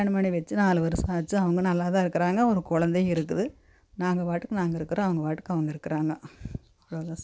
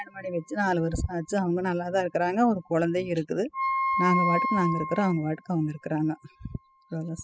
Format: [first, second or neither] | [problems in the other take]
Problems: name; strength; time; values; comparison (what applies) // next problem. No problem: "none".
first | noise reduction (classical method spectral subtraction)